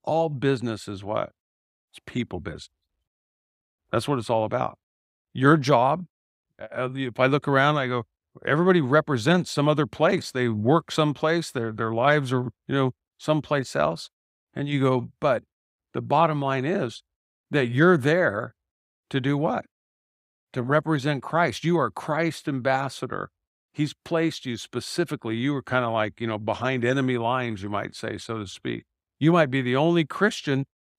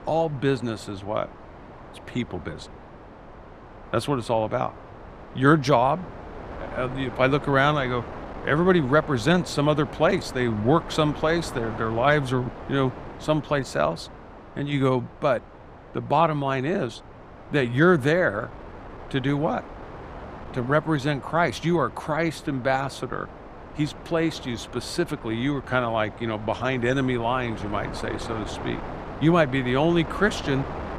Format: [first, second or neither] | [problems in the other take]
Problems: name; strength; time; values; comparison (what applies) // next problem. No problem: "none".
first | wind noise on the microphone; occasional gusts; 15 dB below the speech